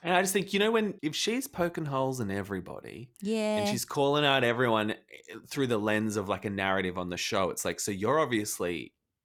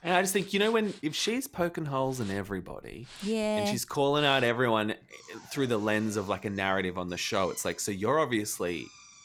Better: first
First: none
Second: machinery noise; faint; throughout; 20 dB below the speech

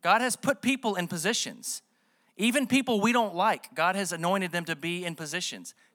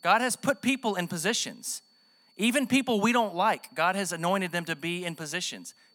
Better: first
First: none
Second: high-pitched whine; faint; throughout; 4.5 kHz, 30 dB below the speech

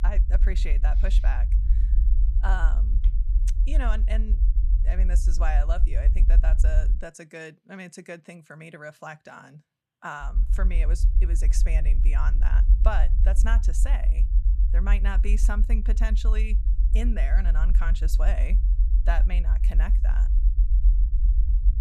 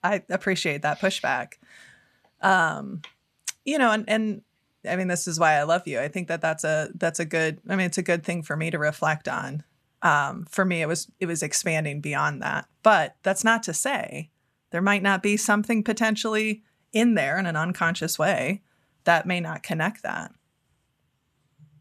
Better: second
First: low rumble; loud; until 7 s and from 10 s on; 10 dB below the speech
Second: none

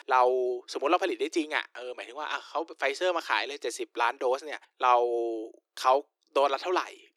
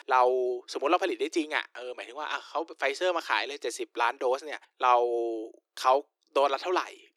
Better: neither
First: thin; very; fading below 300 Hz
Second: thin; very; fading below 300 Hz

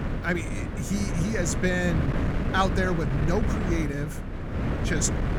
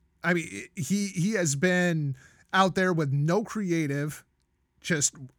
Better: second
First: wind noise on the microphone; heavy; 5 dB below the speech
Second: none

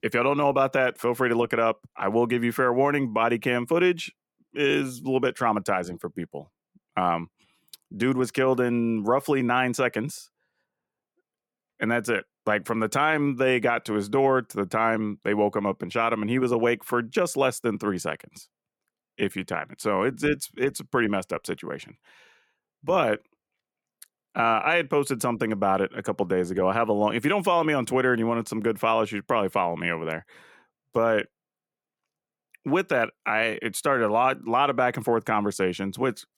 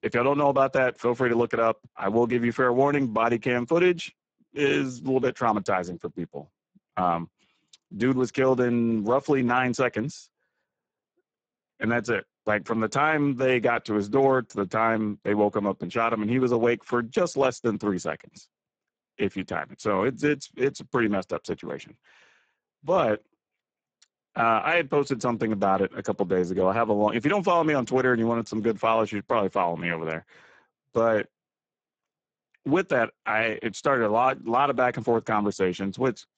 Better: first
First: none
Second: garbled, watery; badly; nothing above 8 kHz

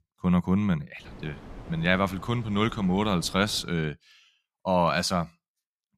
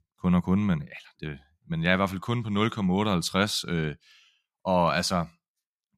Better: second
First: wind noise on the microphone; faint; from 1 to 3.5 s; 20 dB below the speech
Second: none

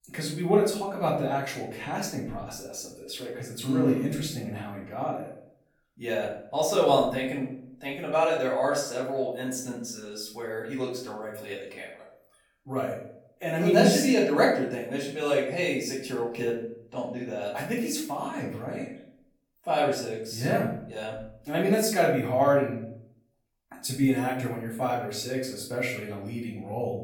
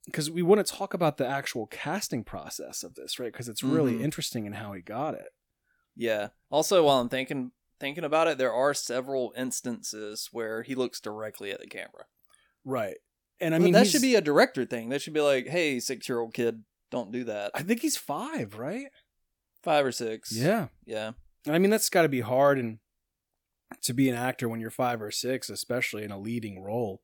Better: second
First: off-mic speech; far // room echo; noticeable; dies away in 0.5 s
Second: none

